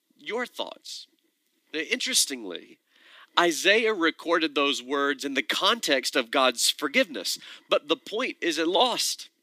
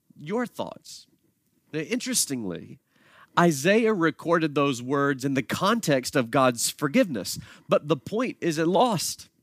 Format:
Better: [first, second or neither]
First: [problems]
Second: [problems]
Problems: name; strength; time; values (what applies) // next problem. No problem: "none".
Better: second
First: thin; very slightly; fading below 300 Hz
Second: none